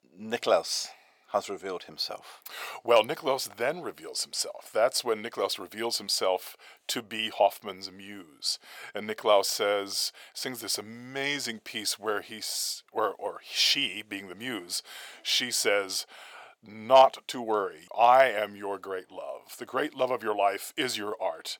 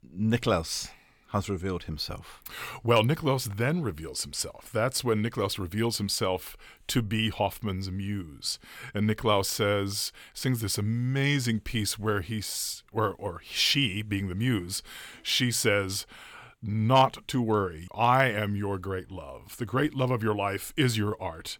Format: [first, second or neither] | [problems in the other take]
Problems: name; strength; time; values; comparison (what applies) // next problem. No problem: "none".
second | thin; very; fading below 450 Hz